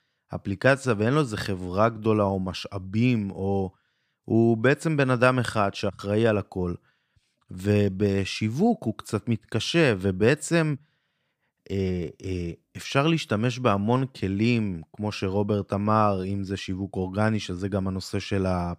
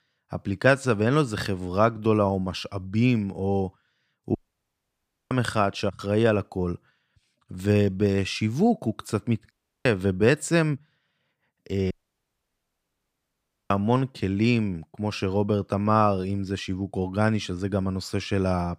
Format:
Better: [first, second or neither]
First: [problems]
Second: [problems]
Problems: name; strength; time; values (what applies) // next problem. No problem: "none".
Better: first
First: none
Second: audio cutting out; at 4.5 s for 1 s, at 9.5 s and at 12 s for 2 s